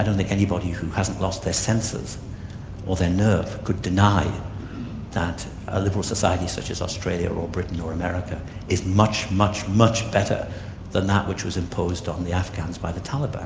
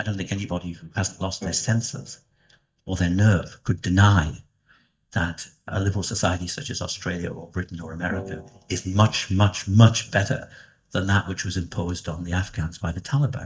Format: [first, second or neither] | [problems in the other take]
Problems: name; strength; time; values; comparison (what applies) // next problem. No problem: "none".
first | noise reduction (neural mask model DeepFilterNet 3)